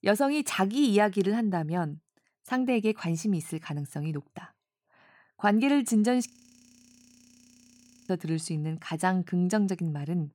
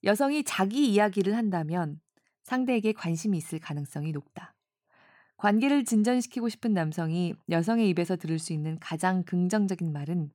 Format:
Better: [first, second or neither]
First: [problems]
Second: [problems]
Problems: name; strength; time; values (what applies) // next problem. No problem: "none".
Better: second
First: audio freezing; at 6.5 s for 2 s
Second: none